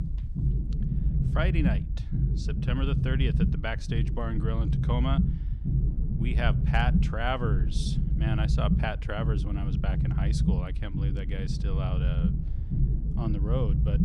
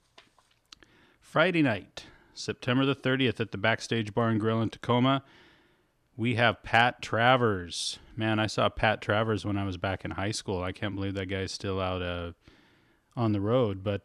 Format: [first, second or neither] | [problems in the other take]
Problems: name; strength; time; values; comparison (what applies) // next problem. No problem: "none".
second | low rumble; loud; throughout; 5 dB below the speech